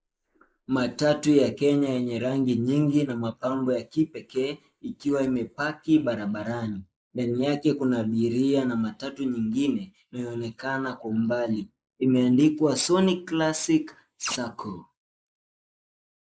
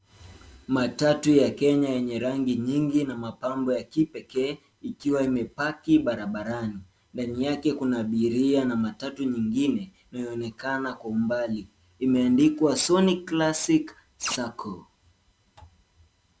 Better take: second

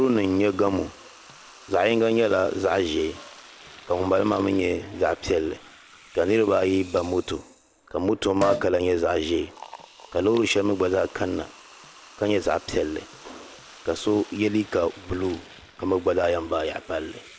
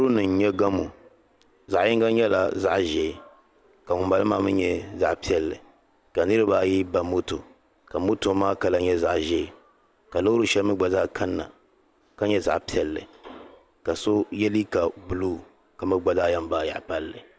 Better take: second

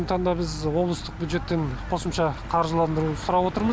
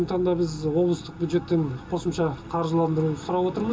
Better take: first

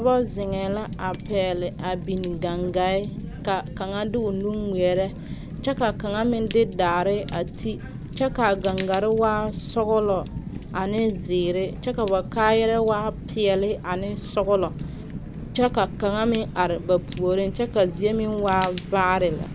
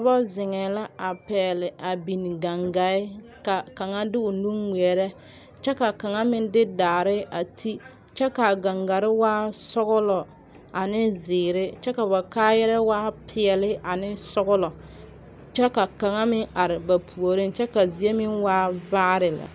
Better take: second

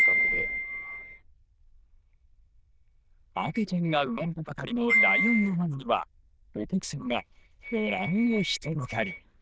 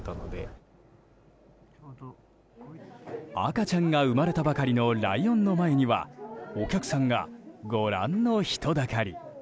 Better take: second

